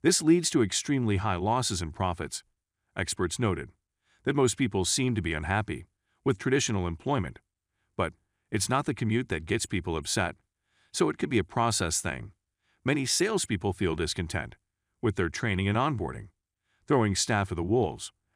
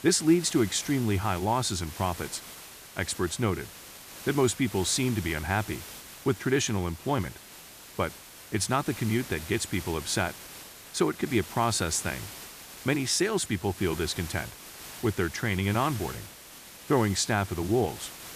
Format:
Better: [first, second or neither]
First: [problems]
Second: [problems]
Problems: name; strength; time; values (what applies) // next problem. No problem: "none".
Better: first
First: none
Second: hiss; noticeable; throughout; 15 dB below the speech